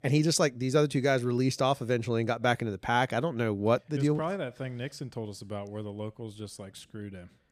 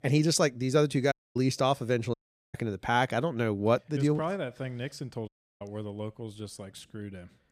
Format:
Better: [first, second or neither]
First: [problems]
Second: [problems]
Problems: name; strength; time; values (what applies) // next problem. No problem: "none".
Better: first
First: none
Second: audio cutting out; at 1 s, at 2 s and at 5.5 s